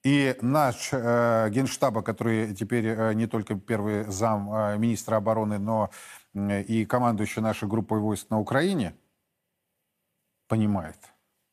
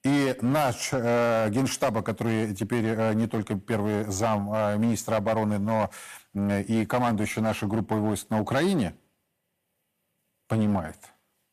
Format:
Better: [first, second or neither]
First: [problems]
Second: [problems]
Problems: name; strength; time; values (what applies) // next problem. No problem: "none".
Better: first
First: none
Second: distortion; slight; 9% of the sound clipped